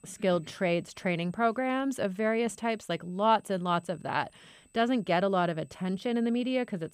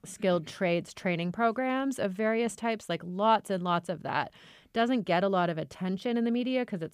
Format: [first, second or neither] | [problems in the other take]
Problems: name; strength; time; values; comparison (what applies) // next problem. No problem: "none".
second | high-pitched whine; faint; throughout; 8 kHz, 35 dB below the speech